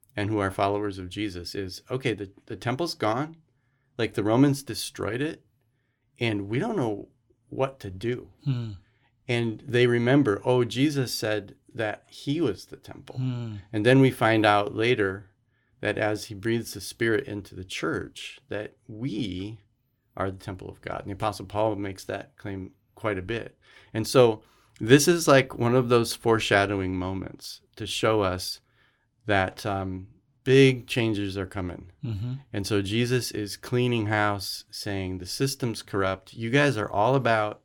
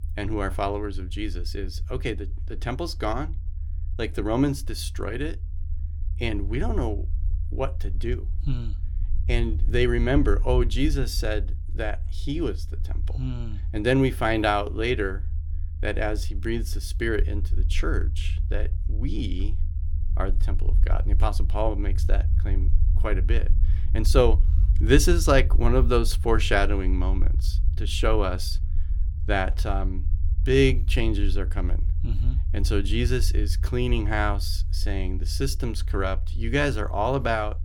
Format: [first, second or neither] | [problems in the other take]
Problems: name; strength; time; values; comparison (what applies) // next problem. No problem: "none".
first | low rumble; faint; throughout; 20 dB below the speech